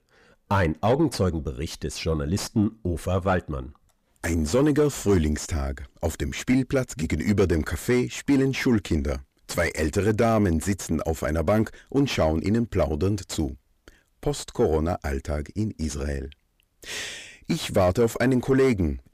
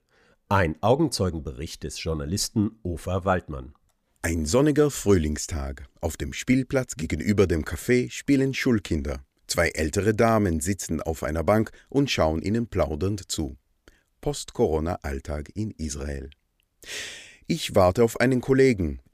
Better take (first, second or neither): second